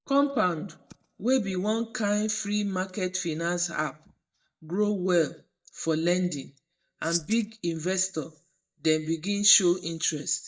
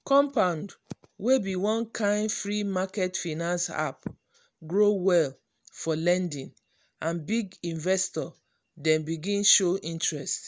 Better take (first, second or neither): second